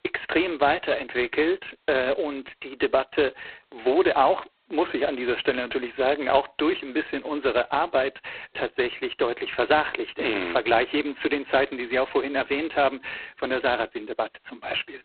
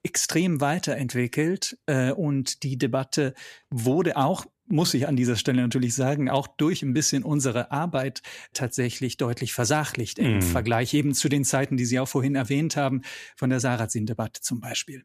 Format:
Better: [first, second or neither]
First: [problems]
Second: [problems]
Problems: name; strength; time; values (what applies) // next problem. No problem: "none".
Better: second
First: phone-call audio; poor line; nothing above 4 kHz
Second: none